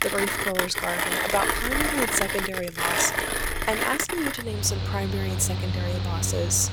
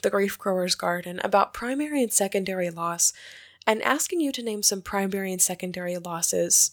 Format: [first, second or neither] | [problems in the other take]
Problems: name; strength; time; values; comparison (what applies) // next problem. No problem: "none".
second | machinery noise; very loud; throughout; 2 dB above the speech